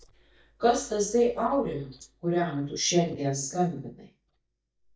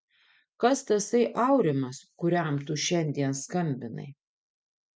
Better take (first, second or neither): second